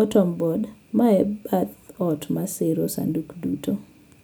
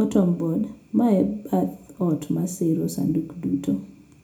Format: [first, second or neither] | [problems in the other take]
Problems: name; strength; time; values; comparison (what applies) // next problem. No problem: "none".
first | room echo; dies away in 0.4 s